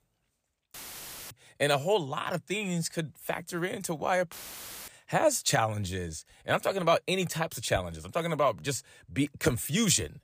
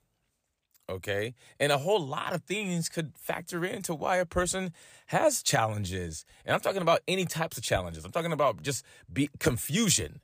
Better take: second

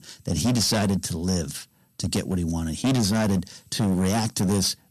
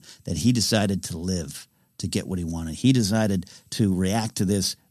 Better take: second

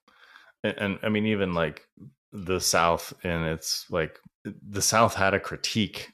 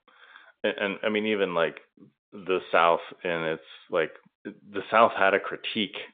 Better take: first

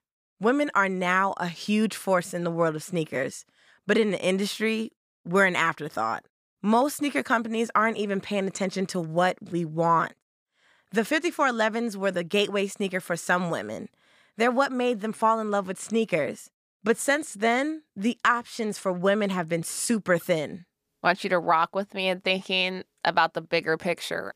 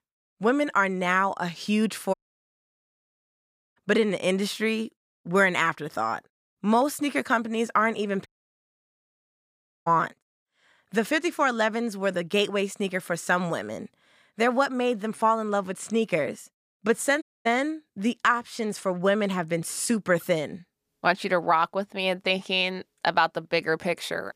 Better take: first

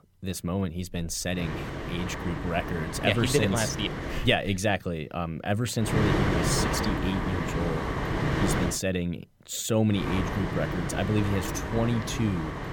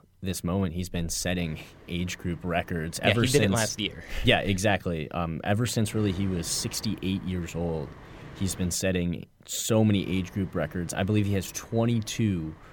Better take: second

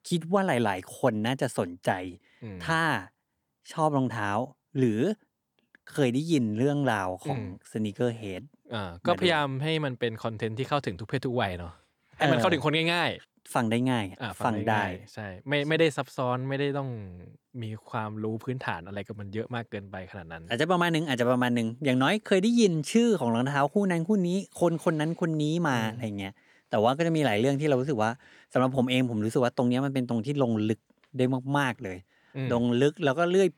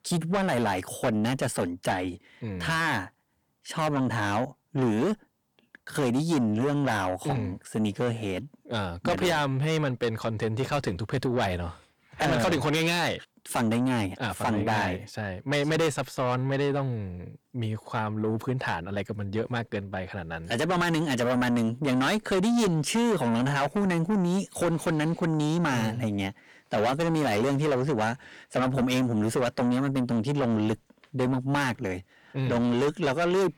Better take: first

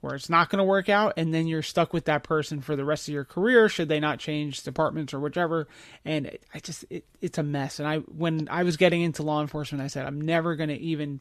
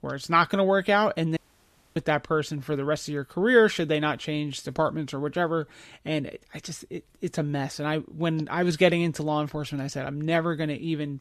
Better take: first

